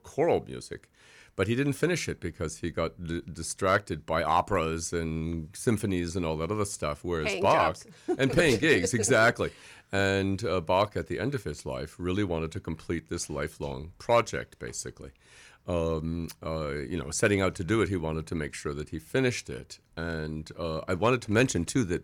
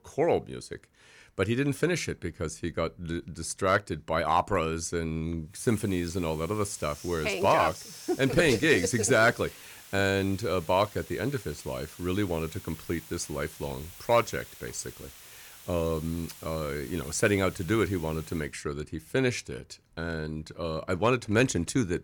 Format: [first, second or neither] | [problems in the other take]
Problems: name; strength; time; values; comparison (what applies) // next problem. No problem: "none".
first | hiss; noticeable; from 5.5 to 18 s; 15 dB below the speech